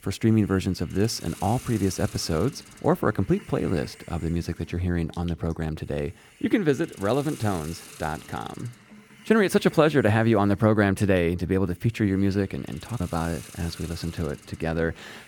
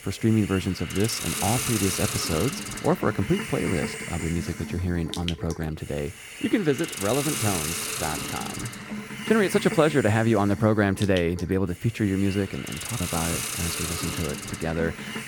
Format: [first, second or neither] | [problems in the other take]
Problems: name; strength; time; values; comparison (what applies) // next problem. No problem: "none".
first | hiss; loud; throughout; 5 dB below the speech; faint in the first